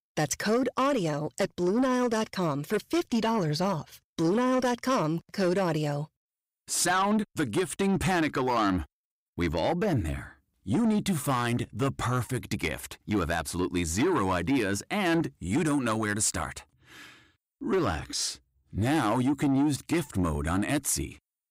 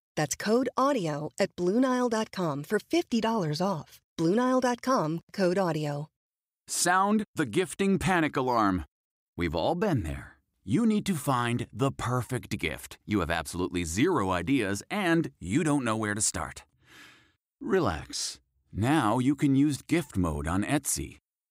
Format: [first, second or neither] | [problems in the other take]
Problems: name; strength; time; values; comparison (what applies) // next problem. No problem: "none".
second | distortion; slight; 10 dB below the speech